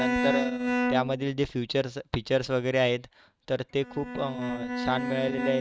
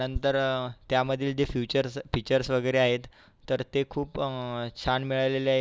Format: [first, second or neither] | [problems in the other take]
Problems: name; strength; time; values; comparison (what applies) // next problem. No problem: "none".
second | noise reduction (neural mask model RNNoise)